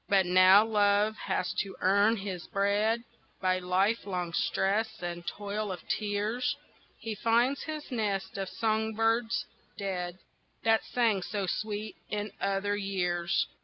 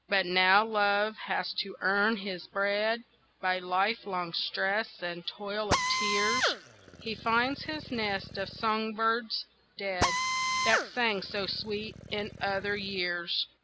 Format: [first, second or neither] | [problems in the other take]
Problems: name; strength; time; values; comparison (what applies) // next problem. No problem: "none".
first | background sound (Drill); 2 dB below the speech